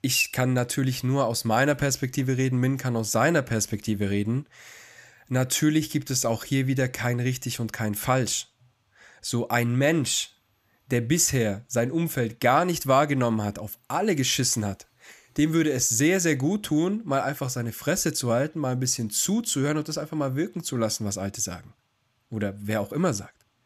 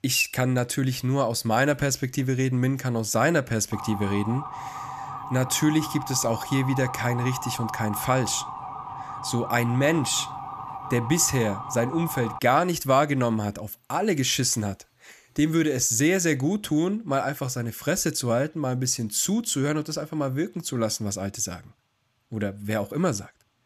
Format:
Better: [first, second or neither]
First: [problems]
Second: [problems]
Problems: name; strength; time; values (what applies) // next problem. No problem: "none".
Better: first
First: none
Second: siren; noticeable; from 3.5 to 12 s; peak 8 dB below the speech